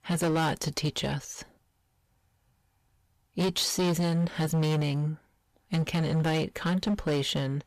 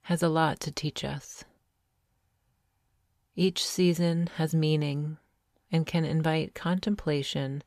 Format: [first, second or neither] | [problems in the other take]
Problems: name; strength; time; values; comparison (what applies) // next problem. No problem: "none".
second | distortion; heavy; 14% of the sound clipped